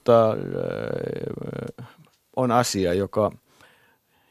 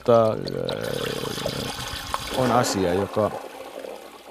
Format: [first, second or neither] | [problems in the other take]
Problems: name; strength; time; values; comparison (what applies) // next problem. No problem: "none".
first | household noises; loud; throughout; 6 dB below the speech